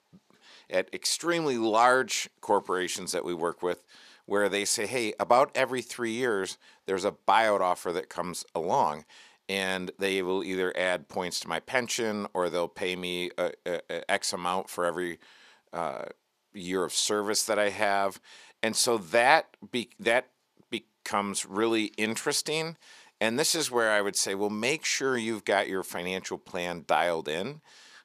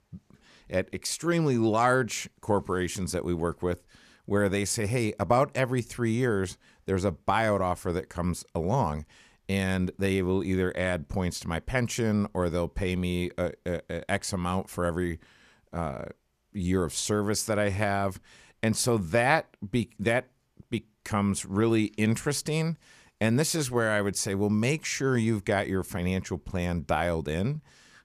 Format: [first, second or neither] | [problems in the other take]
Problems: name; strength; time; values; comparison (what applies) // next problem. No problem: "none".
second | thin; somewhat; fading below 350 Hz